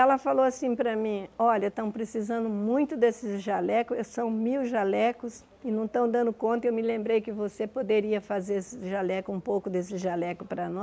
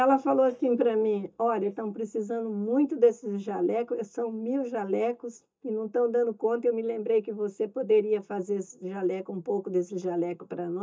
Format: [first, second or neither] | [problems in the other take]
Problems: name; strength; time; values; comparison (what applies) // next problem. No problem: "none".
first | noise reduction (neural mask model DeepFilterNet 3)